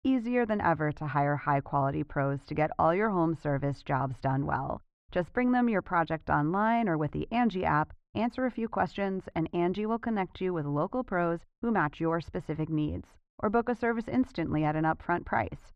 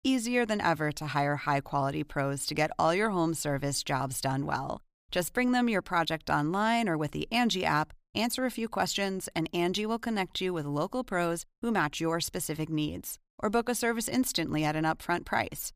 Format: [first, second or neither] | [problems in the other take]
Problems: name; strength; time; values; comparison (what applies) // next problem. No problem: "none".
second | muffled; very; fading above 1.5 kHz